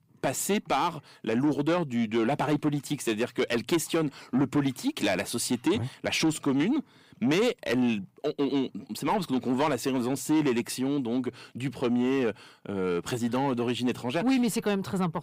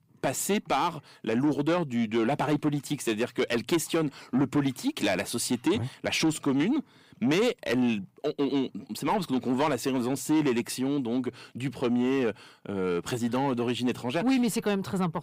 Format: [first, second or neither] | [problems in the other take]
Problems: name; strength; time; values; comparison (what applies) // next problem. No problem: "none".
neither | distortion; slight; 10 dB below the speech; the same in both